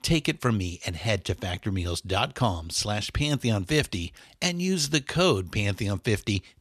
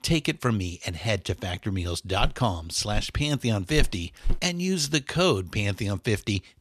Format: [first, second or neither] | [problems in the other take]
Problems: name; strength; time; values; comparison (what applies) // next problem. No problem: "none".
first | footsteps; noticeable; from 2 to 4.5 s; peak 8 dB below the speech